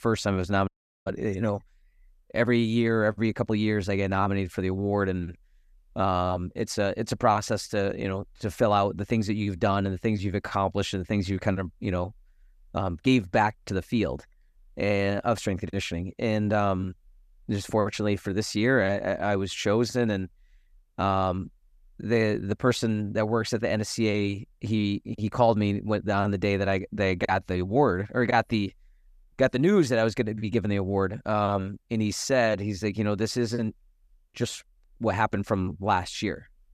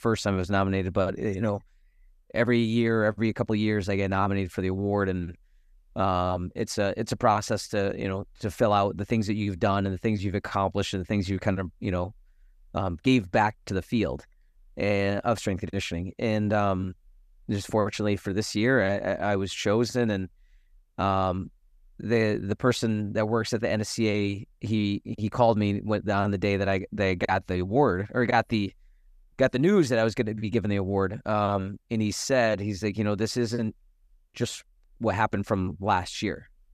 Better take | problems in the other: second | audio cutting out; at 0.5 s

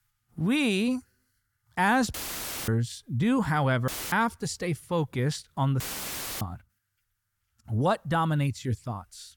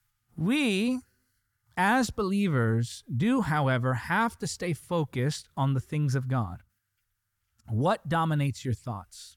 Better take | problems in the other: second | audio cutting out; filled with static; at 2 s for 0.5 s, at 4 s and at 6 s for 0.5 s

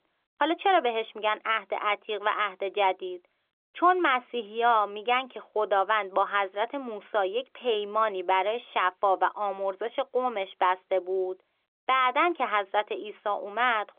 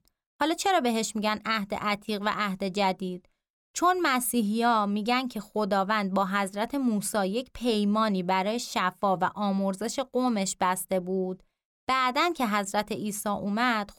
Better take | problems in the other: second | phone-call audio; nothing above 3.5 kHz

